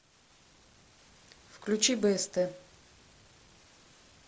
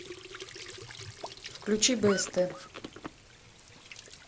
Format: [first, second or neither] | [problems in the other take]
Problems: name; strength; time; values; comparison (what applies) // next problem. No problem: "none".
first | background sound (Squeak / Trickle, dribble / Sink (filling or washing)); 11 dB below the speech